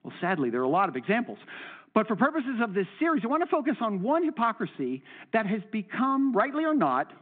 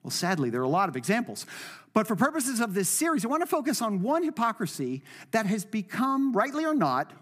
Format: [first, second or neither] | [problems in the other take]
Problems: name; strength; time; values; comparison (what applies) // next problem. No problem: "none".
second | phone-call audio; nothing above 4 kHz